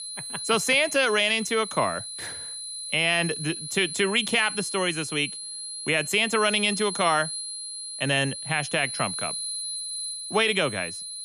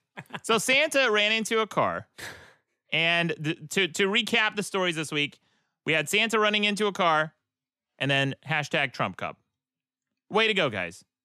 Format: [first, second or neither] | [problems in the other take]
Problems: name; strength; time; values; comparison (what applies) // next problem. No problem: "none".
second | high-pitched whine; loud; throughout; 10 kHz, 7 dB below the speech